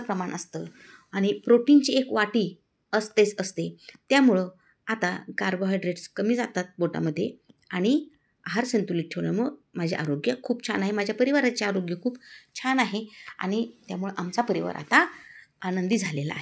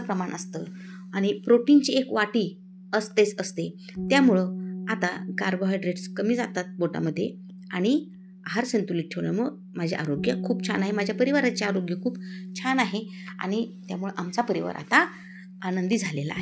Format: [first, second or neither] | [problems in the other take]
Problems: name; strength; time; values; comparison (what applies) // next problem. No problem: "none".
first | background sound (Bass guitar); 11 dB below the speech